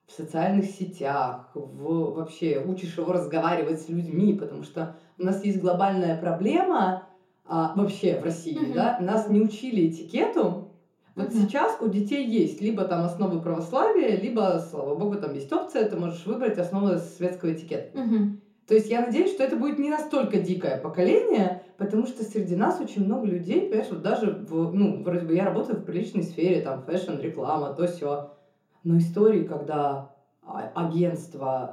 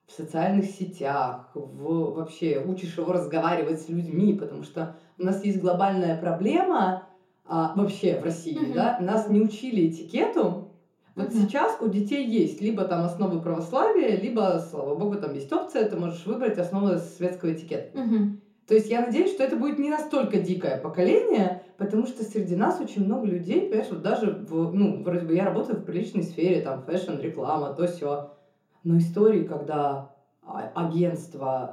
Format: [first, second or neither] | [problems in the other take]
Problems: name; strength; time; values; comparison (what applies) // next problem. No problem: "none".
neither | room echo; slight; dies away in 0.5 s; the same in both // off-mic speech; far; the same in both